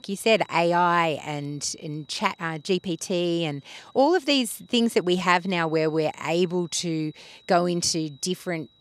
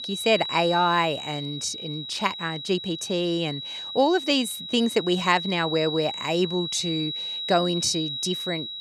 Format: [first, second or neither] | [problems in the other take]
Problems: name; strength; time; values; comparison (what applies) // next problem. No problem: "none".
first | high-pitched whine; loud; throughout; 4 kHz, 6 dB below the speech; faint in the first